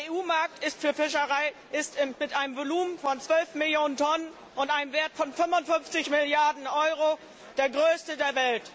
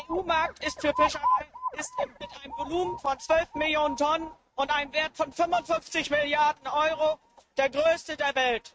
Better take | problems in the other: first | noise reduction (neural mask model RNNoise)

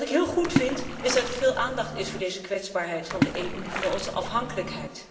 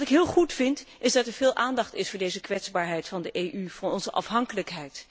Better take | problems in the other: second | background sound (Splash, splatter); 3 dB below the speech // room echo; dies away in 2.2 s

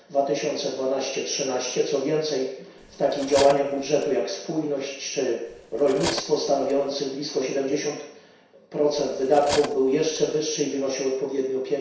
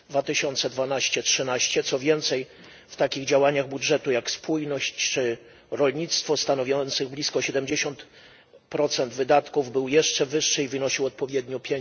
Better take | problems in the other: second | background sound (Cutlery, silverware); 11 dB below the speech // room echo; dies away in 0.7 s

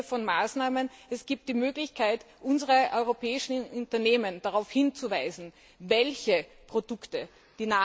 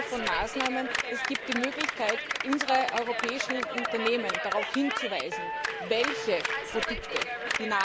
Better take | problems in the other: first | background sound (Clapping); 1 dB below the speech

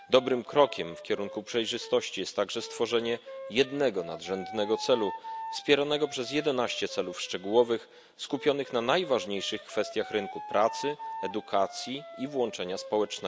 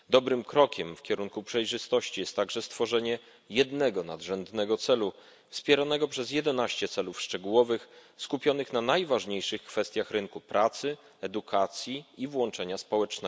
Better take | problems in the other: second | background sound (Wind instrument, woodwind instrument); 14 dB below the speech

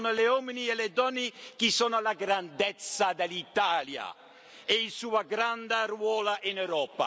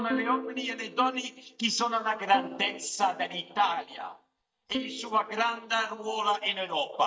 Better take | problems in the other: first | noise reduction (neural mask model DeepFilterNet 3)

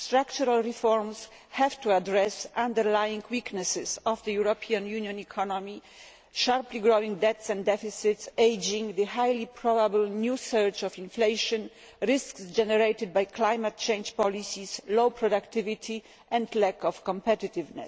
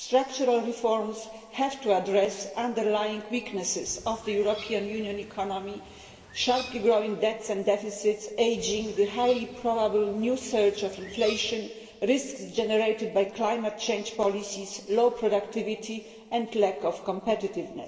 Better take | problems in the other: first | background sound (Bird); 18 dB below the speech // room echo; dies away in 1.7 s

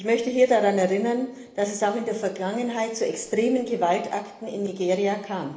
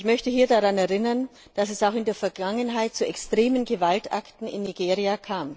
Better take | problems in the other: second | room echo; dies away in 1 s

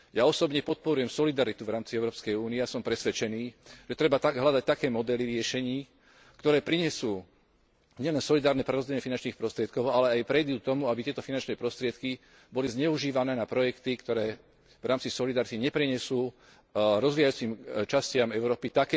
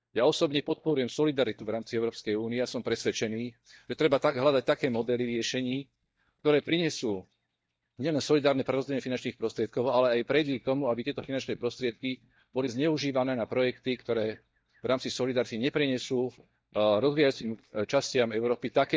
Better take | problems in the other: first | noise reduction (neural mask model DeepFilterNet 3)

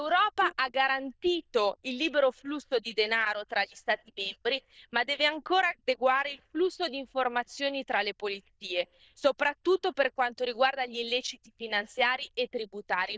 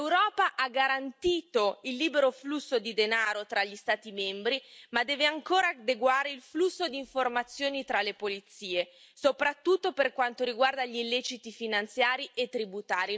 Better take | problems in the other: second | noise reduction (neural diffusion model UNIVERSE++)

